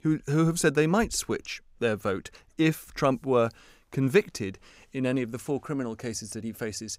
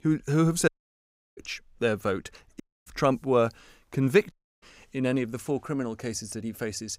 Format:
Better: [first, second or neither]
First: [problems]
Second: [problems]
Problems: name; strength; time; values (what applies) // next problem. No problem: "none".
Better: first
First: none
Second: audio cutting out; at 0.5 s for 0.5 s, at 2.5 s and at 4.5 s